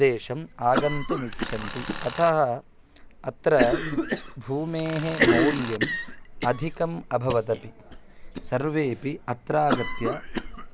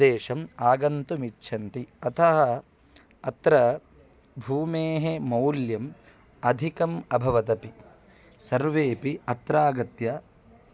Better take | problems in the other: second | background sound (Cough + Tools); 3 dB below the speech

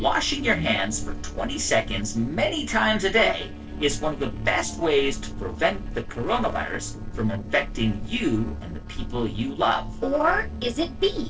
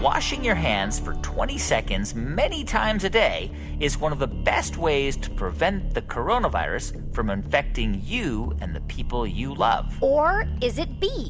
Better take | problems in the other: second | noise reduction (neural separator model SepFormer DNS4)

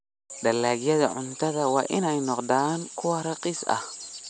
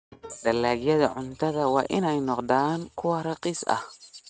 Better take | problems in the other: first | noise reduction (neural mask model RNNoise)

